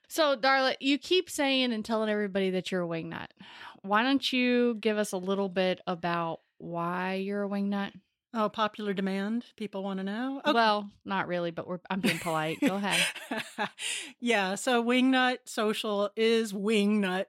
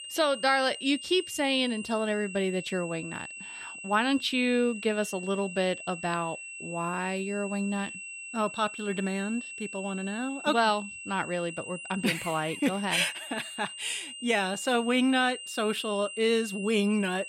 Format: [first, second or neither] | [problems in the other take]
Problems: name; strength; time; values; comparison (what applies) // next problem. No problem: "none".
first | high-pitched whine; noticeable; throughout; 2.5 kHz, 10 dB below the speech